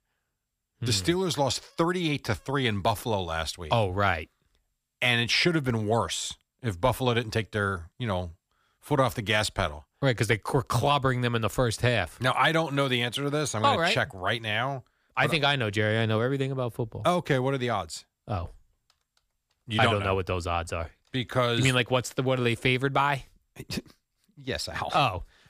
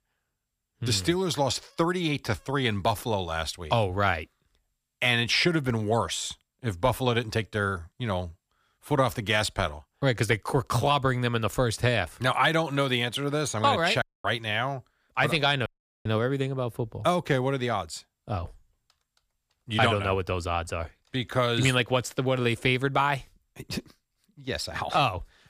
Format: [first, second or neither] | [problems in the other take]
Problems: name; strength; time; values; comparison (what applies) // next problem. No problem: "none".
first | audio cutting out; at 14 s and at 16 s